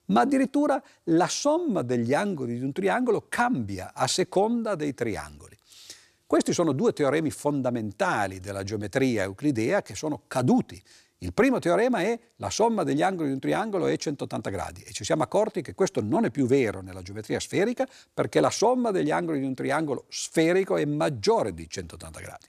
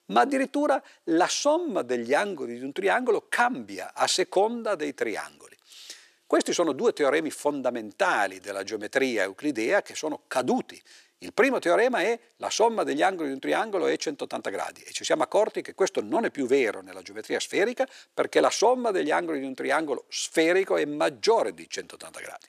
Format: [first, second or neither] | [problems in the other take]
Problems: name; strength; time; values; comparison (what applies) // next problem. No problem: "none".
first | thin; very slightly; fading below 400 Hz